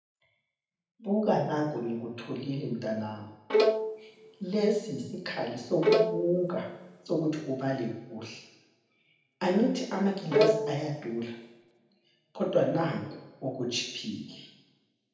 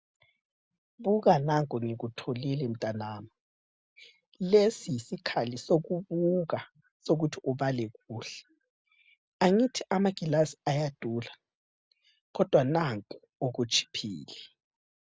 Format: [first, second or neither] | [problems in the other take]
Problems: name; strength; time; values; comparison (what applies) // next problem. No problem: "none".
second | background sound (Bowed string instrument); 3 dB above the speech // room echo; dies away in 0.9 s